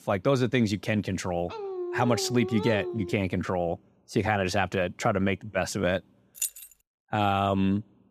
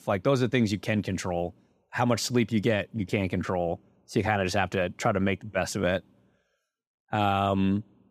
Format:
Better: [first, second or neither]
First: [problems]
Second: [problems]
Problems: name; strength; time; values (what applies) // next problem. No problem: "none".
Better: second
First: dog barking; noticeable; from 1.5 to 3 s; peak 6 dB below the speech // jangling keys; noticeable; at 6.5 s; peak 4 dB below the speech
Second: none